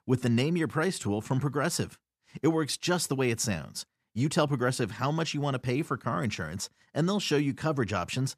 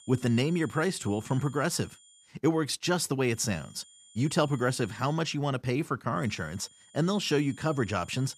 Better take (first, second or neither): first